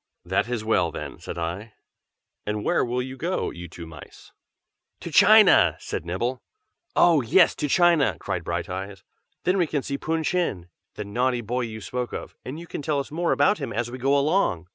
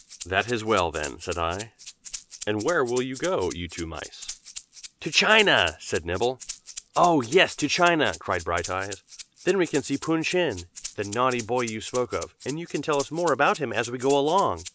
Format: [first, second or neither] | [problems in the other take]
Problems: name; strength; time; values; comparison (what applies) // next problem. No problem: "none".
first | background sound (Rattle (instrument)); 16 dB below the speech